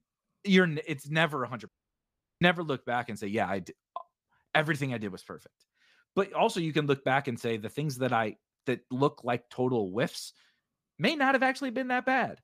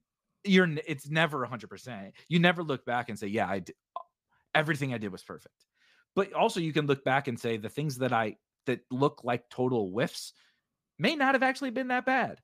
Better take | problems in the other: second | audio cutting out; at 1.5 s for 0.5 s

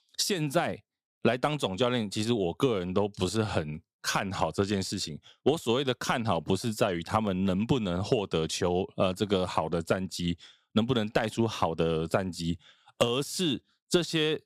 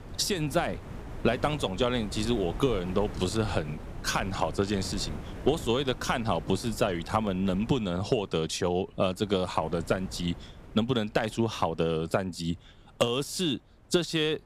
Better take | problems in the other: first | wind noise on the microphone; occasional gusts; 15 dB below the speech

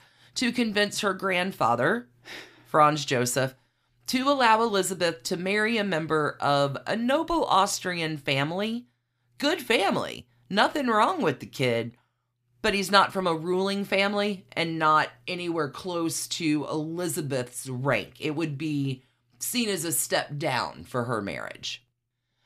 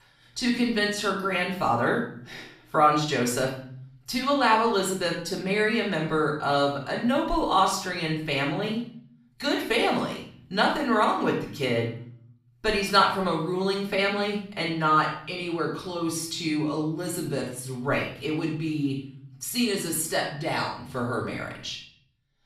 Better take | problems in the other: first | off-mic speech; far // room echo; noticeable; dies away in 0.5 s

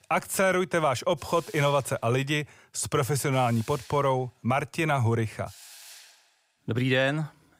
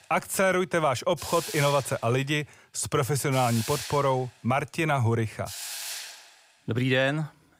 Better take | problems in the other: first | hiss; loud; throughout; 9 dB below the speech; faint in the first

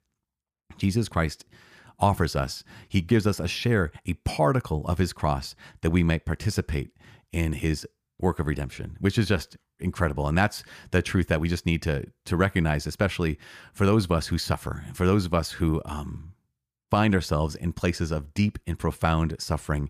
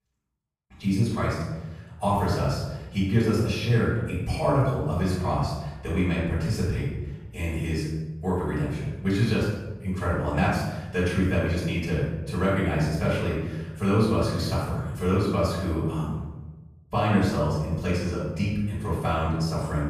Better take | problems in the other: first | off-mic speech; far // room echo; noticeable; dies away in 1 s

